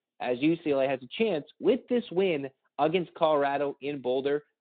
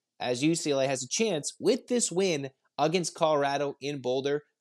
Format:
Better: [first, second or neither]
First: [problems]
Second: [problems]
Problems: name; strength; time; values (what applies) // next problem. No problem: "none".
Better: second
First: phone-call audio; nothing above 4 kHz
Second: none